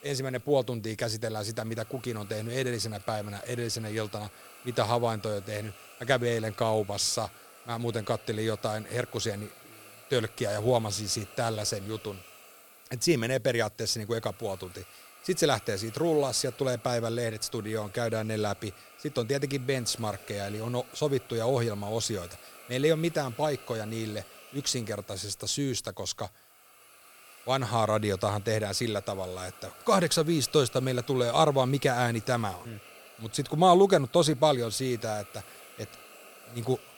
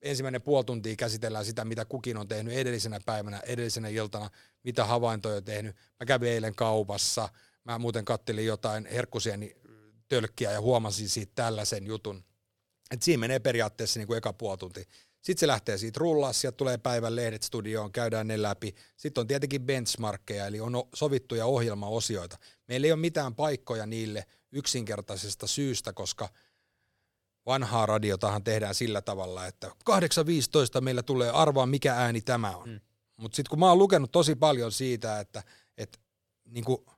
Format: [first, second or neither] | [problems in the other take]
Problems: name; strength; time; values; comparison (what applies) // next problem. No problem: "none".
second | hiss; faint; throughout; 20 dB below the speech